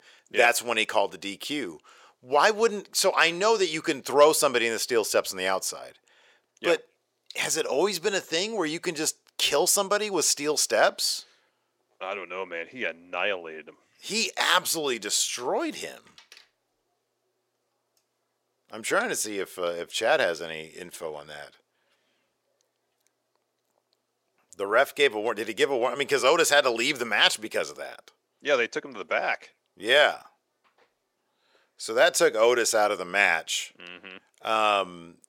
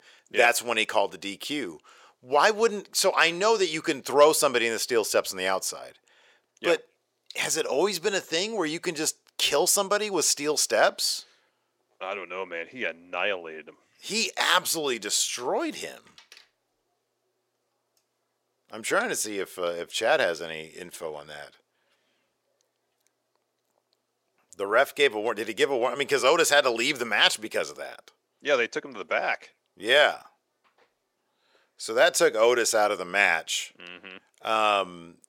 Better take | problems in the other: neither | thin; very; fading below 500 Hz; the same in both

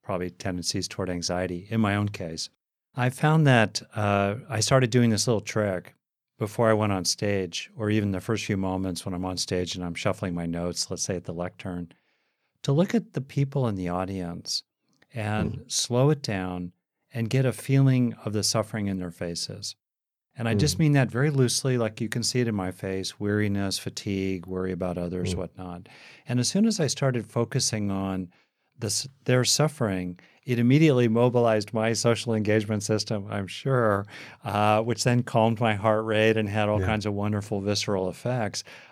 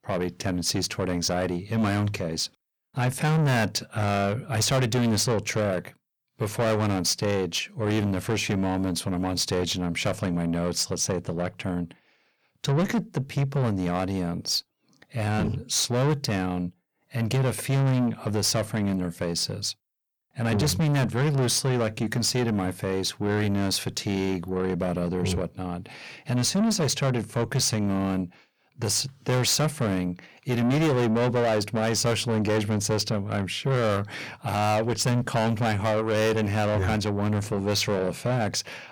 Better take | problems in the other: first | distortion; heavy; 7 dB below the speech

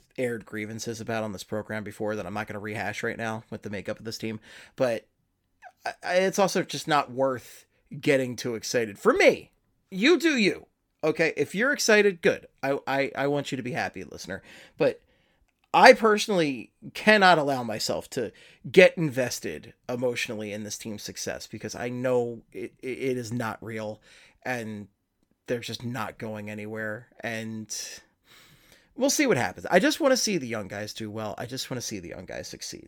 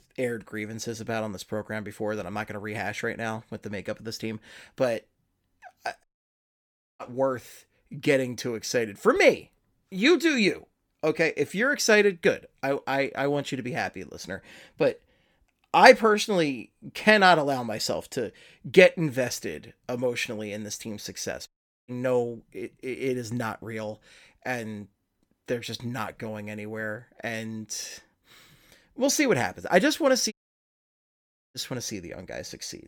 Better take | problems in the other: first | audio cutting out; at 6 s for 1 s, at 21 s and at 30 s for 1 s

